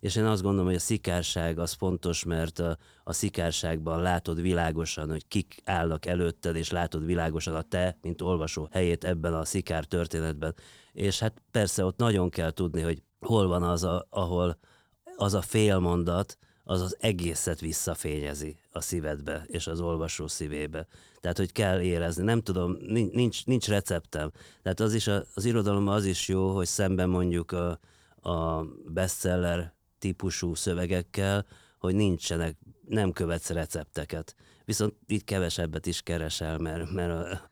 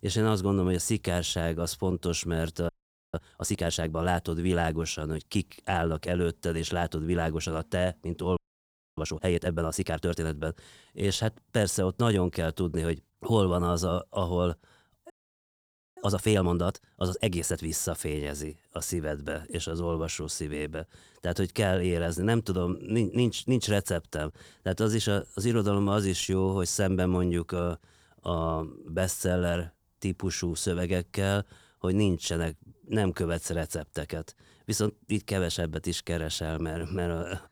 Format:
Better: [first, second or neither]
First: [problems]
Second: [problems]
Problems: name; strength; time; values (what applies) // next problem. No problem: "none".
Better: first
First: none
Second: audio freezing; at 2.5 s, at 8.5 s for 0.5 s and at 15 s for 1 s